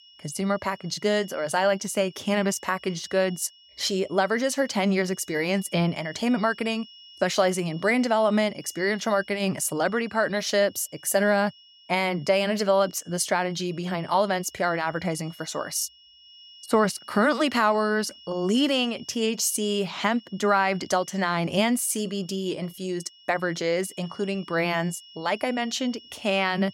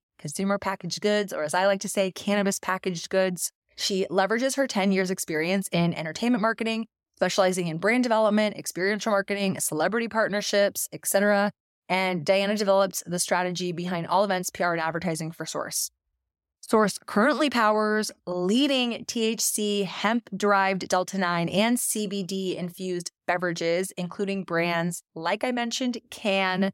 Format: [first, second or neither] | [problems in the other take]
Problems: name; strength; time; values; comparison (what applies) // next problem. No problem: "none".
second | high-pitched whine; faint; throughout; 3 kHz, 25 dB below the speech